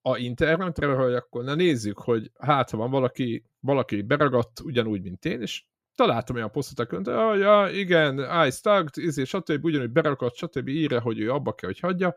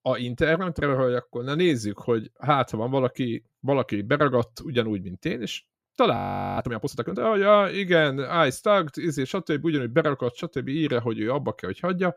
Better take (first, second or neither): first